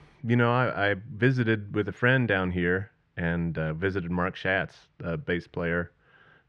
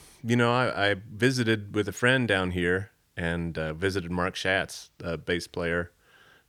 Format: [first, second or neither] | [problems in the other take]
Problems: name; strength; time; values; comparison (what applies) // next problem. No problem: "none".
second | muffled; very; fading above 2 kHz